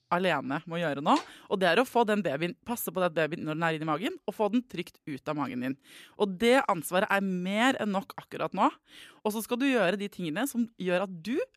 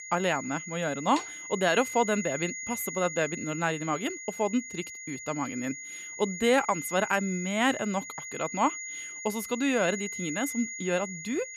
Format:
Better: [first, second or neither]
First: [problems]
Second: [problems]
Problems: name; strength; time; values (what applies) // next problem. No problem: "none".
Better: first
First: none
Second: high-pitched whine; loud; throughout; 2 kHz, 8 dB below the speech